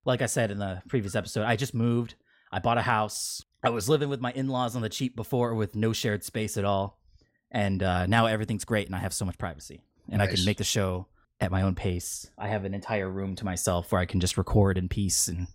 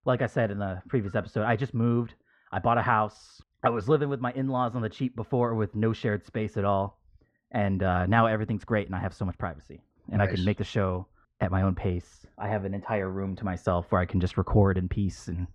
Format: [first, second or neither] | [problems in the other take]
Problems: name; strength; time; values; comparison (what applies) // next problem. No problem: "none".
first | muffled; very; fading above 2 kHz